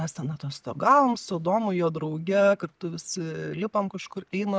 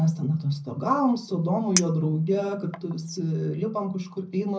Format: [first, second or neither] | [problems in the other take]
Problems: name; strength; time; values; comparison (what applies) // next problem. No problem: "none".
first | background sound (Chink, clink); 11 dB below the speech // room echo; dies away in 0.4 s